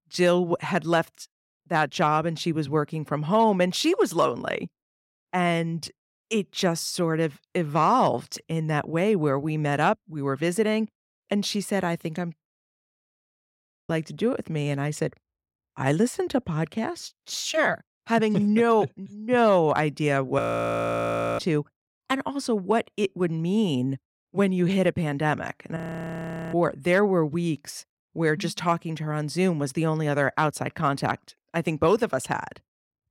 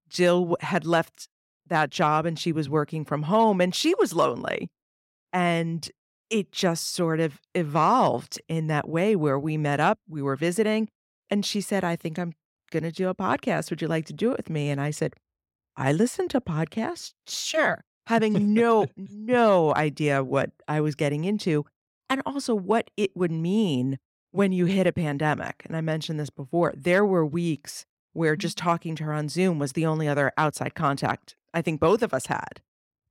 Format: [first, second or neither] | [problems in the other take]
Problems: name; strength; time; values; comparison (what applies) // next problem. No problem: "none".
second | audio freezing; at 13 s for 1.5 s, at 20 s for 1 s and at 26 s for 1 s